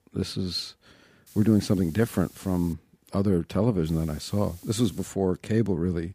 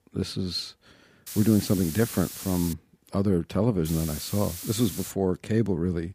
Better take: first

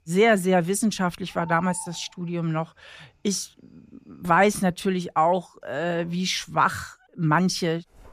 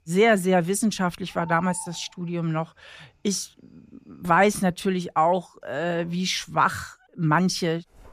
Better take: neither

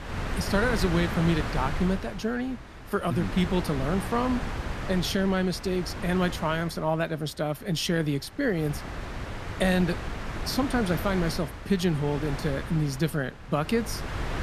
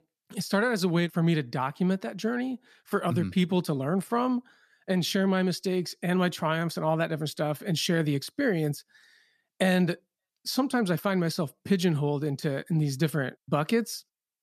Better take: second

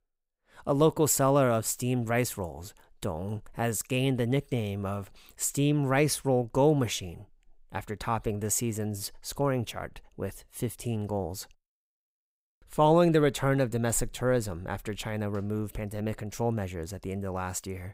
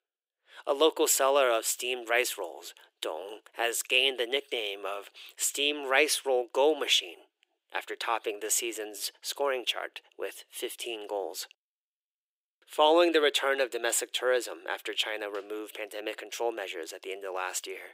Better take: first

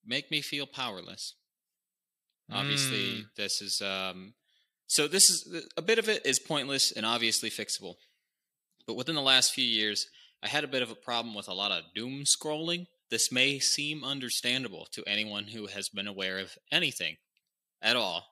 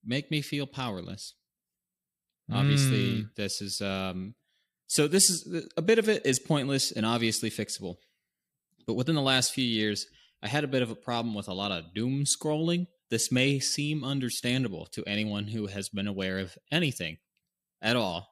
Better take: second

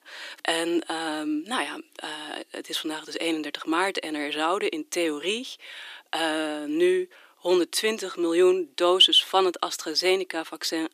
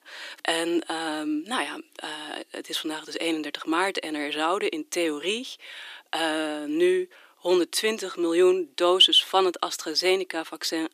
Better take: neither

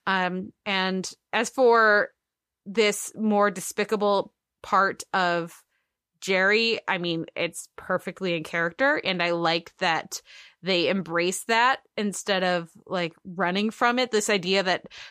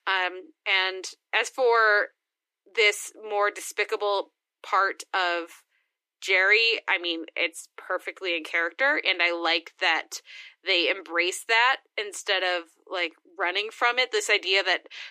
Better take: first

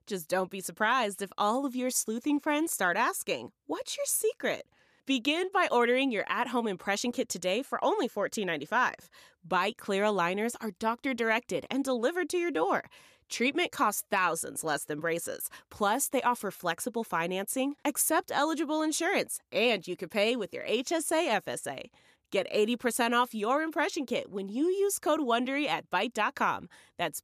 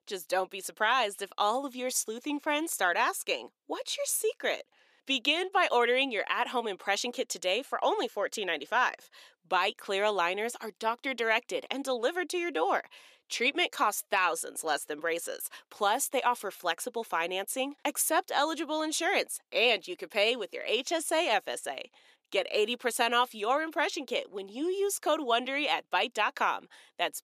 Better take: first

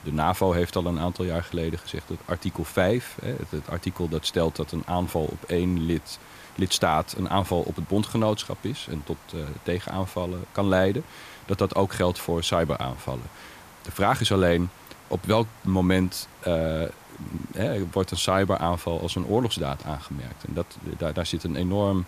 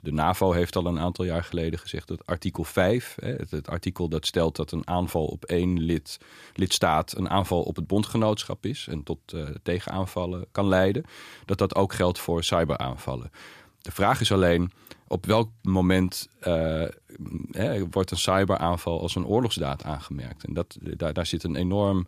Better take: second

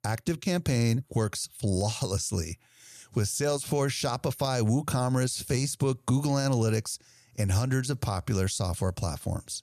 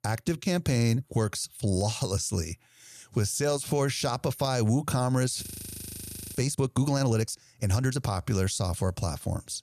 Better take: first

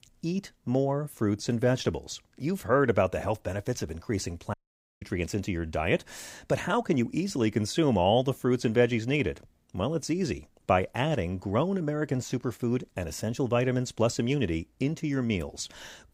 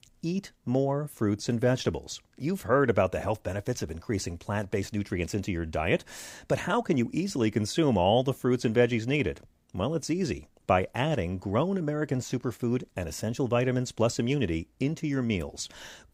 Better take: second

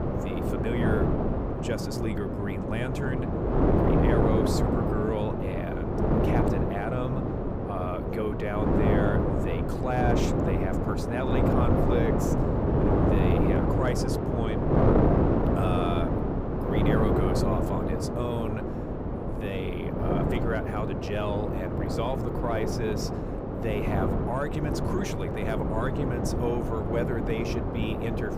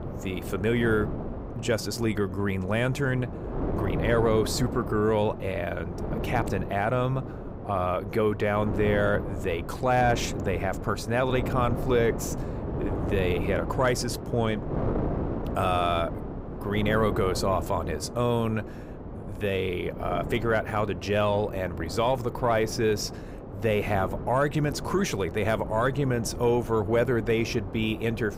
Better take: second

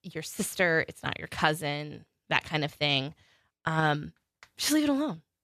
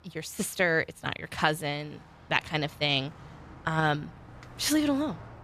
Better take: first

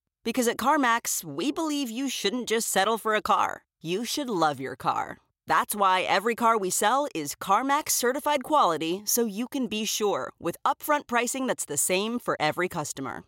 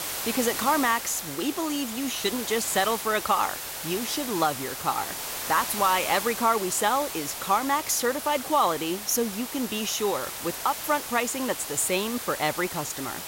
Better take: first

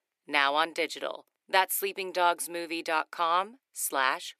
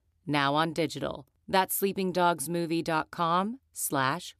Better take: second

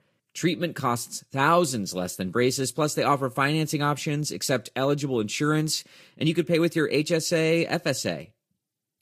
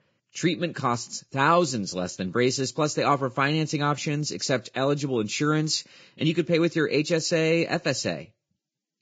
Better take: first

